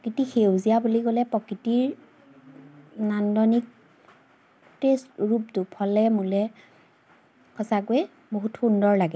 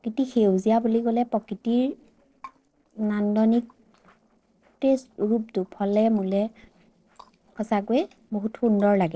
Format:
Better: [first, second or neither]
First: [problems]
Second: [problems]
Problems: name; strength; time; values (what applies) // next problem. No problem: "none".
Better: first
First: none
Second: noise reduction (neural separator model SepFormer DNS4)